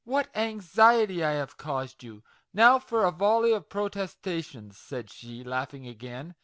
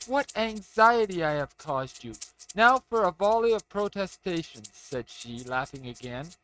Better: first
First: none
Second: noise reduction (neural mask model RNNoise)

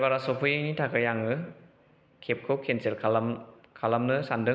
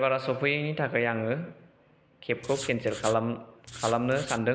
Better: first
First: none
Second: background sound (Writing); 12 dB below the speech

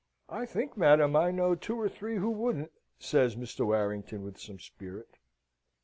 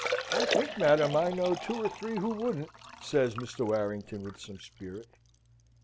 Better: first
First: none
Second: background sound (Liquid); 6 dB below the speech

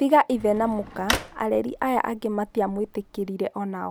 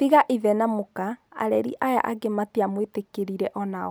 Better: second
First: background sound (Drawer open or close); 11 dB below the speech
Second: none

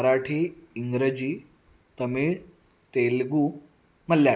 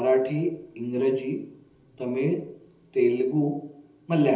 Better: first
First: none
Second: room echo; dies away in 1.2 s

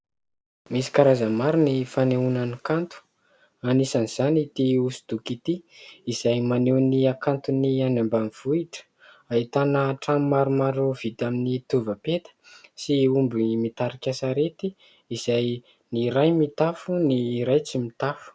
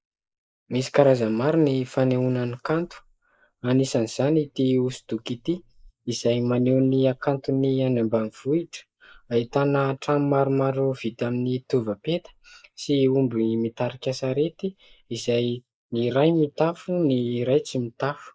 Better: first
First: none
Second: noise reduction (neural mask model Resemble Enhance denoiser)

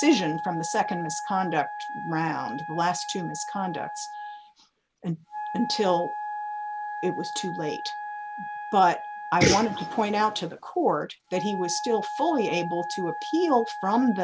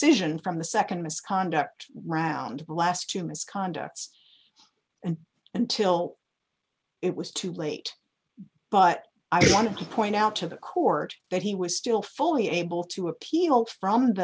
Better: second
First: background sound (Wind instrument, woodwind instrument); 8 dB below the speech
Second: none

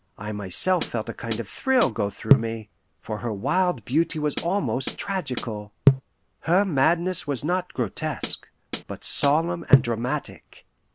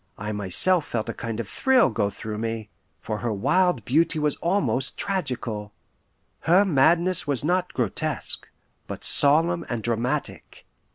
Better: second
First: background sound (Hi-hat); 1 dB below the speech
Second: none

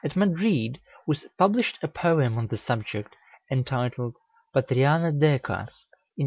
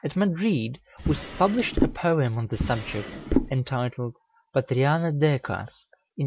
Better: first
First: none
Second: background sound (Drawer open or close); 2 dB below the speech

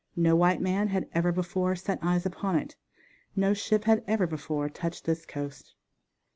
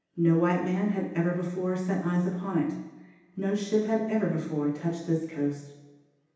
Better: first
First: none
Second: room echo; dies away in 0.9 s

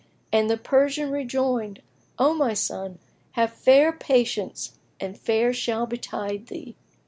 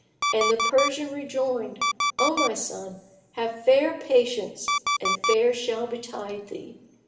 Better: first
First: none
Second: background sound (Alarm); 2 dB below the speech // room echo; dies away in 0.7 s

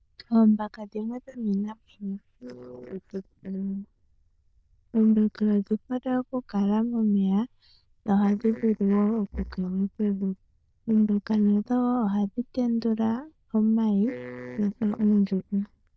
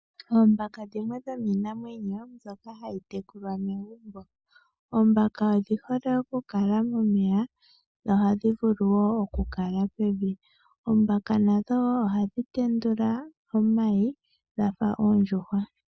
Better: second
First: noise reduction (neural diffusion model UNIVERSE++)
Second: none

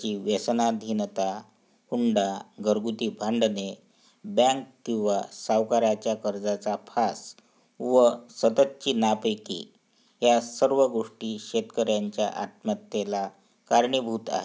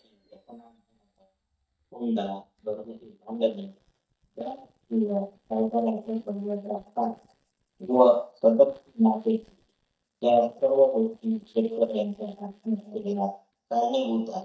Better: first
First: none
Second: noise reduction (neural mask model DeepFilterNet 3)

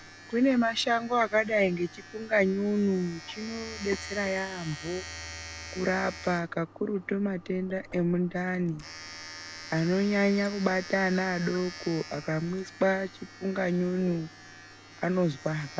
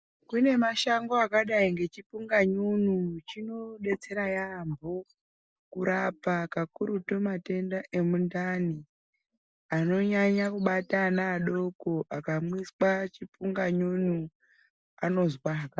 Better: second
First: background sound (Domestic sounds, home sounds); 15 dB below the speech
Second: none

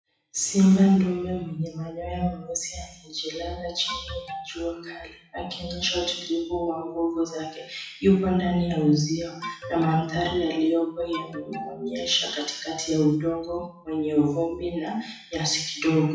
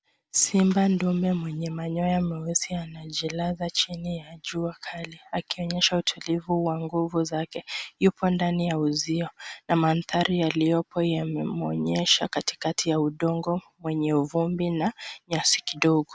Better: second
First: noise reduction (classical method WPE with log-MMSE)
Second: none

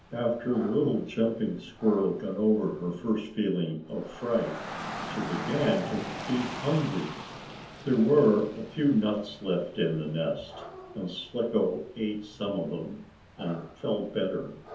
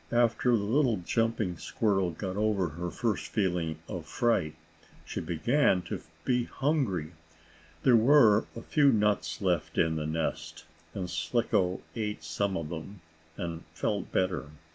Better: second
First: background sound (Rain / Dog); 13 dB below the speech // room echo; dies away in 0.7 s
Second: none

